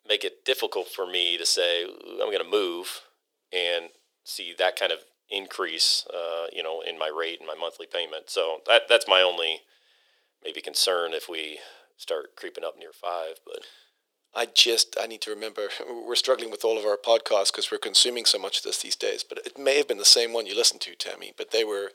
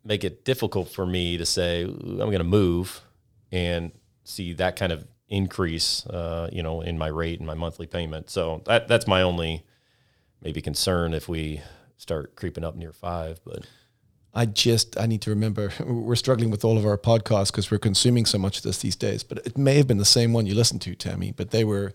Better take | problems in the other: second | thin; very; fading below 400 Hz

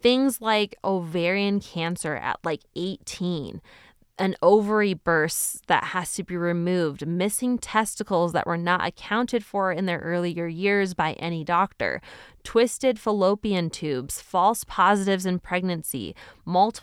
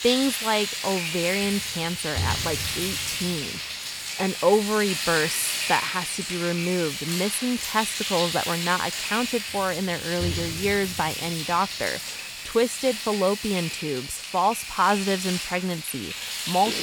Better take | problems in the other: first | household noises; loud; throughout; 2 dB below the speech

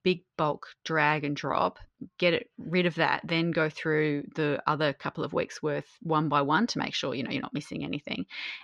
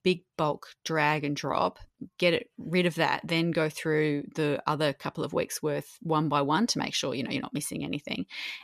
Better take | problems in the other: second | muffled; very slightly; fading above 5 kHz

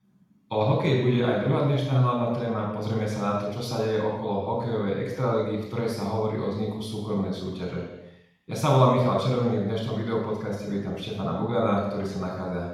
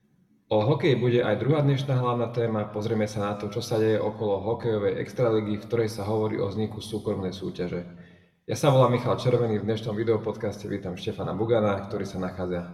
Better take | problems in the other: second | room echo; strong; dies away in 0.9 s; slight in the second // off-mic speech; far; somewhat distant in the second

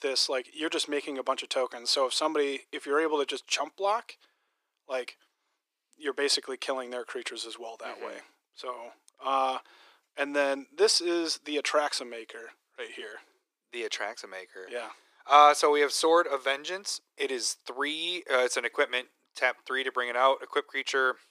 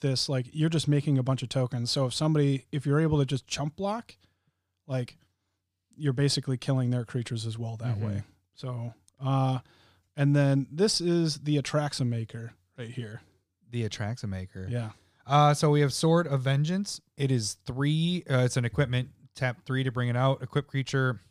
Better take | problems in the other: second | thin; very; fading below 350 Hz

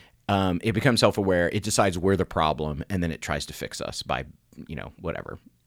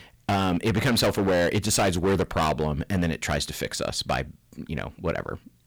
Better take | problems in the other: first | distortion; heavy; 11% of the sound clipped

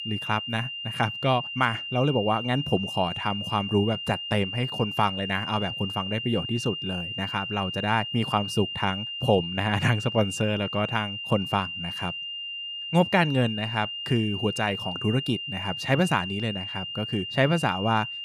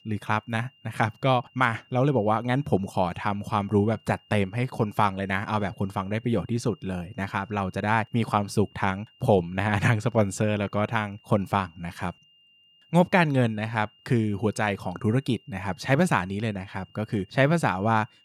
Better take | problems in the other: second | high-pitched whine; loud; throughout; 3 kHz, 5 dB below the speech; faint in the second

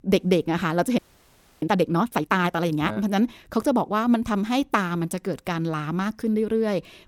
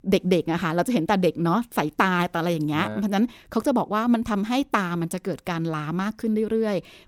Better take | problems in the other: second | audio freezing; at 1 s for 0.5 s

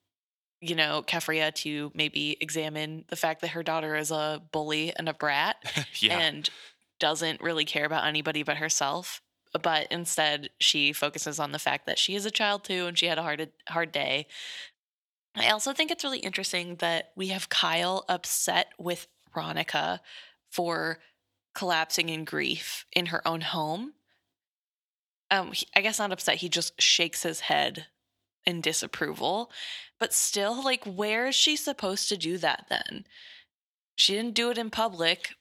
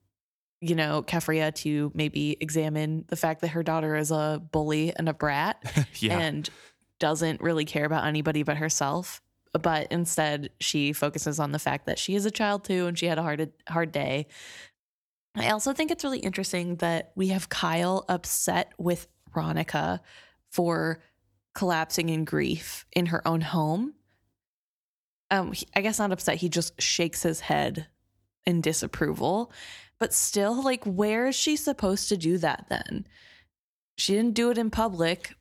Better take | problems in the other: second | thin; somewhat; fading below 750 Hz

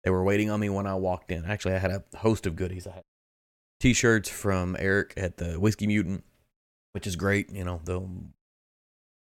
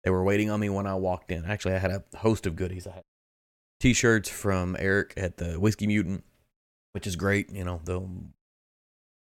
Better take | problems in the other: neither | none

